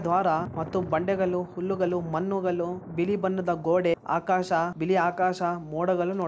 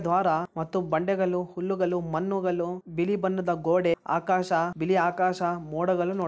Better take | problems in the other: second | background sound (Thunder); 18 dB below the speech

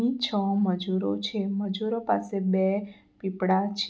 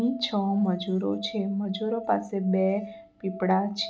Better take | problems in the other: first | background sound (Musical instrument); 16 dB below the speech

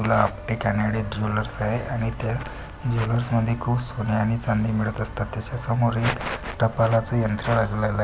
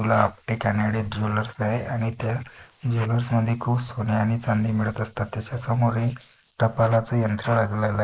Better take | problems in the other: first | noise reduction (neural mask model Resemble Enhance denoiser)

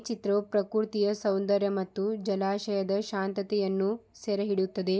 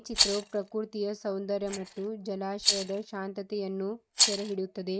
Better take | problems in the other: first | noise reduction (neural mask model RNNoise)

